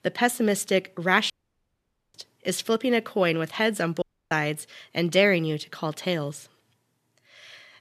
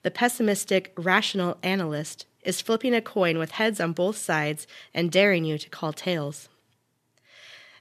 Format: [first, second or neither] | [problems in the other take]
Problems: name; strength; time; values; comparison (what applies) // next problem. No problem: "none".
second | audio cutting out; at 1.5 s for 1 s and at 4 s